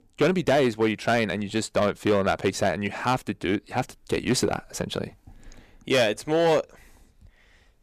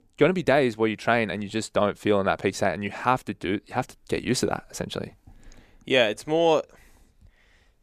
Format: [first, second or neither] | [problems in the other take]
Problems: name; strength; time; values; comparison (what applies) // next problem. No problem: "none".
second | distortion; slight; 5% of the sound clipped